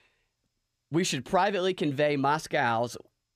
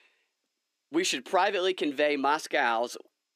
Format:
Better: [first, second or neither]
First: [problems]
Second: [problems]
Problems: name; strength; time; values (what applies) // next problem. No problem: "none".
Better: first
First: none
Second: thin; very slightly; fading below 300 Hz